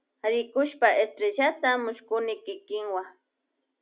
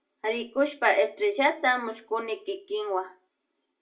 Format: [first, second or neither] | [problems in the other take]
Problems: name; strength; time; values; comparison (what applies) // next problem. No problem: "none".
first | room echo; dies away in 0.2 s